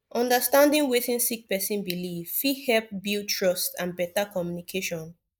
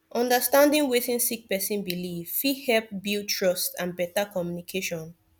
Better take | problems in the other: second | noise reduction (neural mask model Resemble Enhance denoiser)

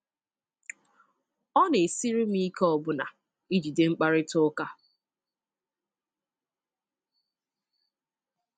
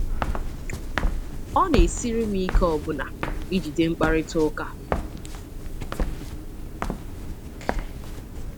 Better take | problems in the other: first | background sound (Walk, footsteps); 1 dB above the speech

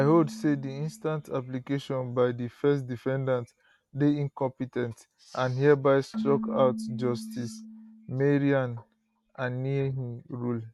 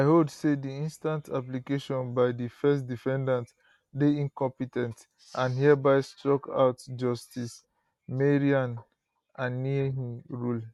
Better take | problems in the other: second | background sound (Keyboard (musical)); 14 dB below the speech

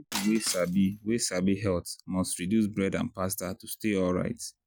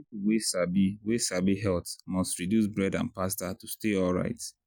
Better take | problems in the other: second | background sound (Shatter); 12 dB below the speech

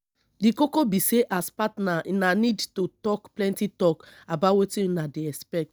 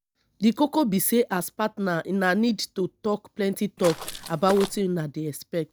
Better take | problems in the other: first | background sound (Walk, footsteps); 10 dB below the speech

